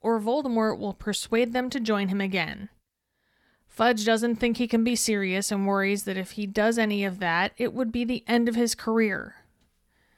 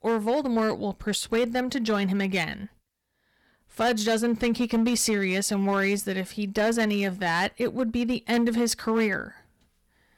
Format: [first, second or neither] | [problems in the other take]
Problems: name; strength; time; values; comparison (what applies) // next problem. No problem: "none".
first | distortion; slight; 7% of the sound clipped